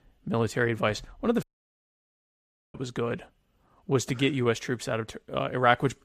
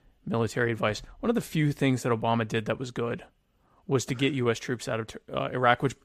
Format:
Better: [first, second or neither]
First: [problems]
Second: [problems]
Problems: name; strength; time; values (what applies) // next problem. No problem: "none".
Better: second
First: audio cutting out; at 1.5 s for 1.5 s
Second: none